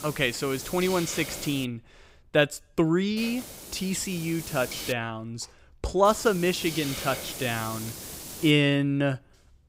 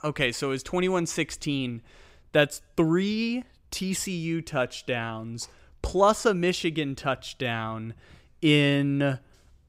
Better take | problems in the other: second | hiss; noticeable; until 1.5 s, from 3 to 5 s and from 6 to 8.5 s; 10 dB below the speech

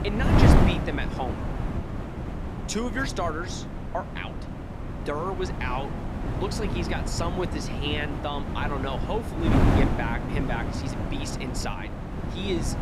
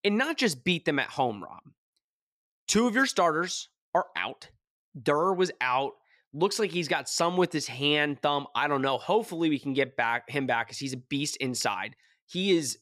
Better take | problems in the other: second | wind noise on the microphone; heavy; 1 dB below the speech

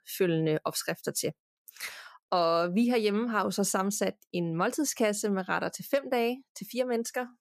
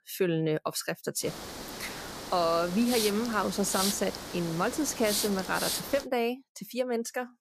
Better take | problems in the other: first | hiss; loud; from 1 to 6 s; 5 dB below the speech

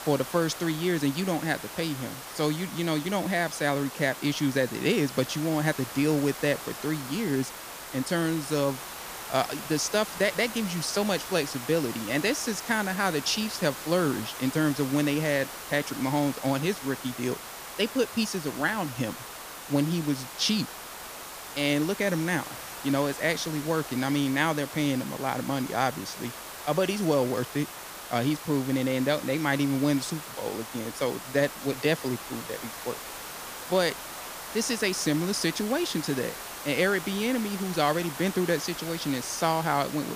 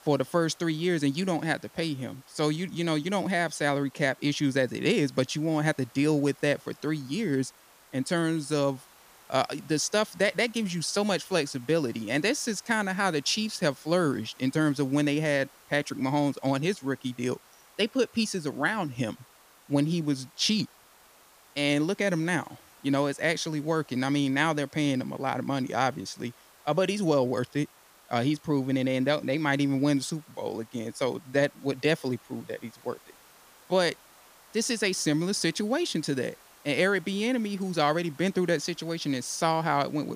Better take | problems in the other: second | hiss; loud; throughout; 10 dB below the speech; faint in the second

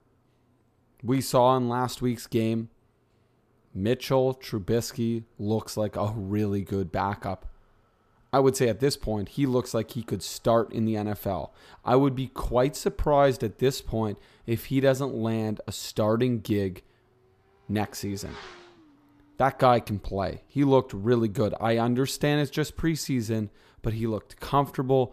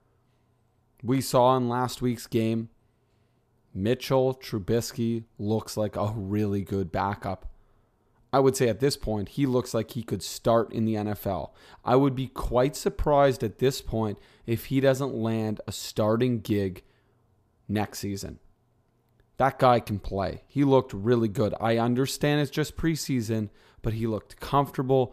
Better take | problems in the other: second | traffic noise; faint; throughout; 30 dB below the speech

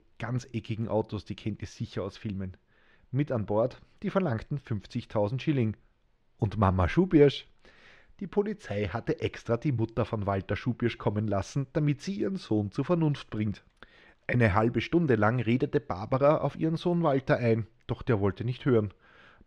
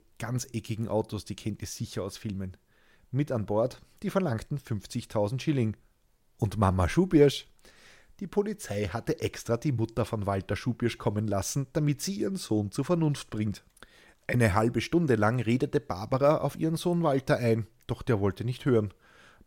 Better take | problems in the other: second | muffled; slightly; fading above 3 kHz

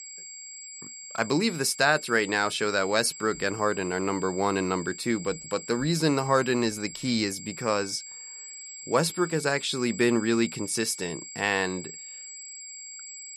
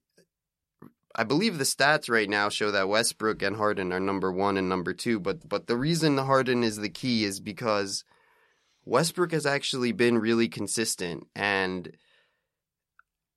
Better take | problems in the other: second | high-pitched whine; noticeable; throughout; 7.5 kHz, 15 dB below the speech

